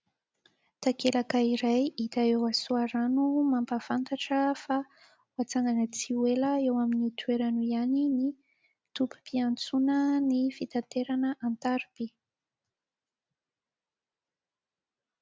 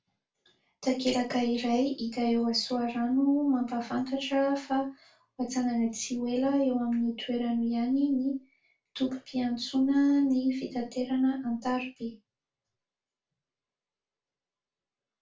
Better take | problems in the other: first | room echo; dies away in 0.2 s

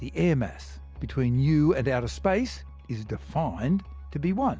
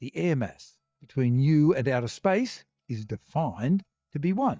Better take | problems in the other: first | noise reduction (neural mask model DeepFilterNet 3)

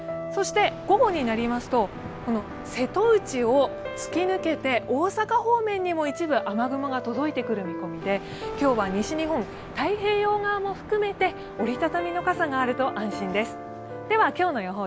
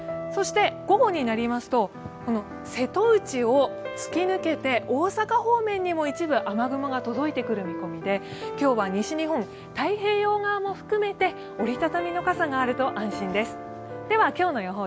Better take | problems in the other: second | background sound (Thunder); 19 dB below the speech

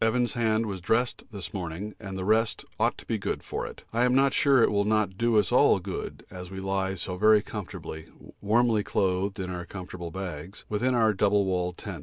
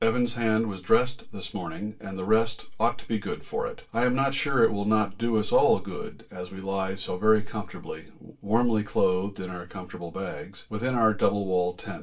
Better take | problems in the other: first | room echo; dies away in 0.2 s

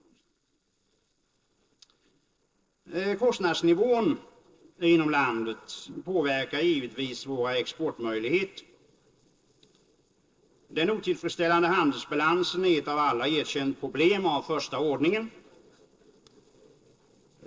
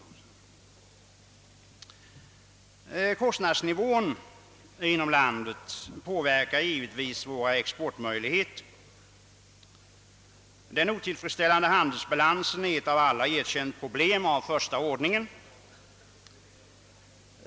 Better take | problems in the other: second | noise reduction (neural separator model SepFormer DNS4)

